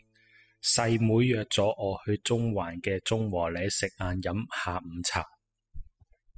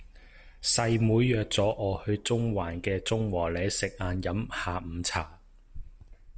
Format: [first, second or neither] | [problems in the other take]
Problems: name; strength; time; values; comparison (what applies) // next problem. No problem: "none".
second | noise reduction (classical method spectral subtraction)